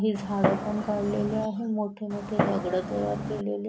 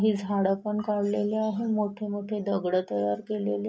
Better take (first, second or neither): second